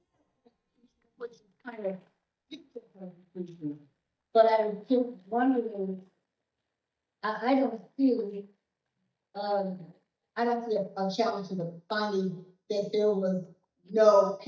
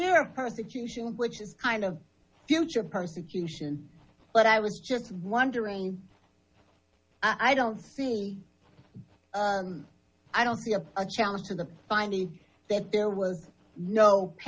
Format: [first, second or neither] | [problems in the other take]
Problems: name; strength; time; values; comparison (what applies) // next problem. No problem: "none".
second | noise reduction (neural mask model DeepFilterNet 3)